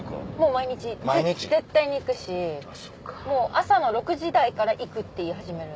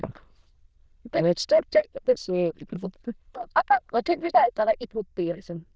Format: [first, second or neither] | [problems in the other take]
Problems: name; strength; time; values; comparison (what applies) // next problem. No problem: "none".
first | noise reduction (neural diffusion model UNIVERSE++)